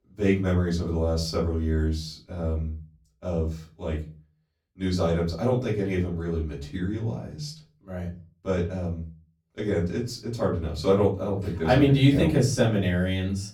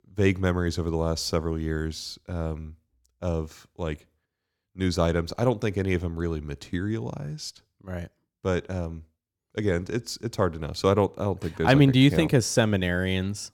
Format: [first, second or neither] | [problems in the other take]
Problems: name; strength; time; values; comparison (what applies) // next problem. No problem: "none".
second | off-mic speech; far // room echo; slight; dies away in 0.4 s